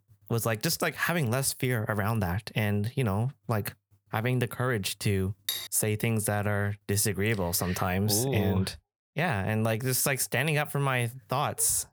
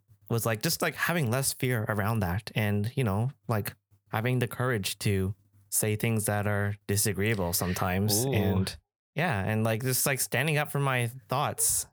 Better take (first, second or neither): second